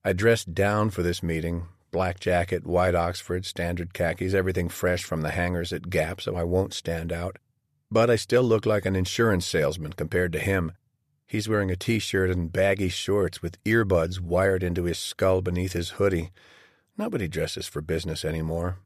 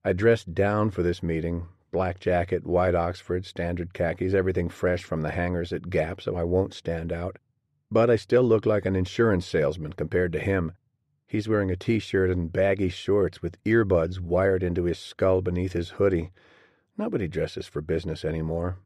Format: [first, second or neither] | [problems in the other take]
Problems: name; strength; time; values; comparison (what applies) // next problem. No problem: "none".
first | muffled; slightly; fading above 2 kHz